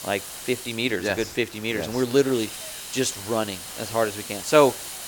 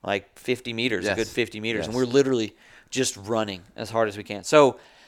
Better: second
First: hiss; noticeable; throughout; 10 dB below the speech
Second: none

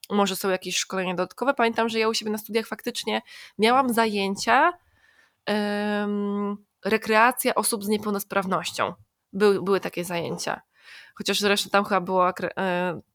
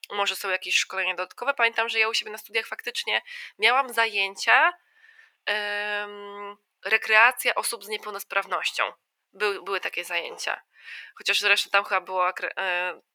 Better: first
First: none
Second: thin; very; fading below 450 Hz

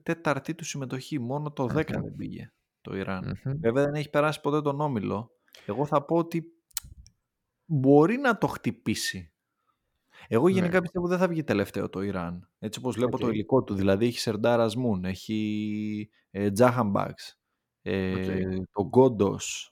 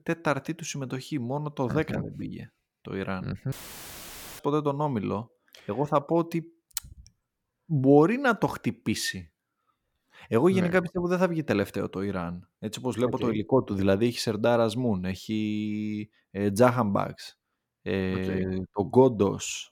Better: first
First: none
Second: audio cutting out; filled with static; at 3.5 s for 1 s

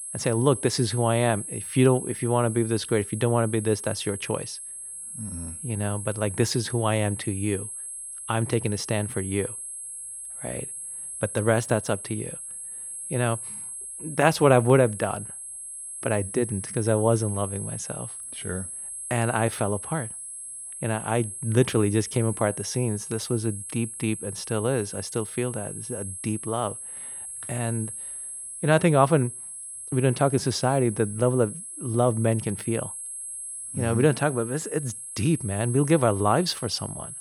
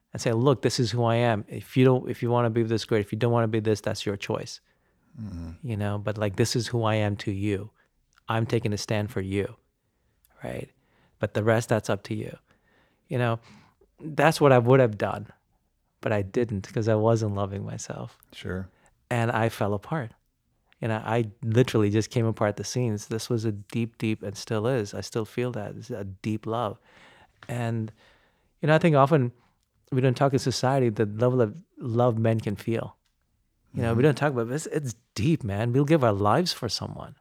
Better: second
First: high-pitched whine; loud; throughout; 10.5 kHz, 8 dB below the speech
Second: none

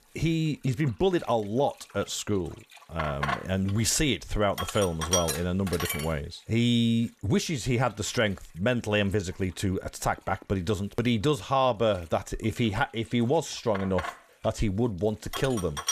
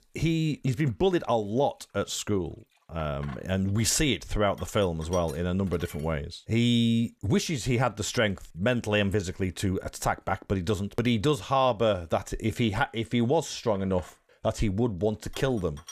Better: second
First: household noises; loud; throughout; 6 dB below the speech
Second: household noises; faint; throughout; 20 dB below the speech

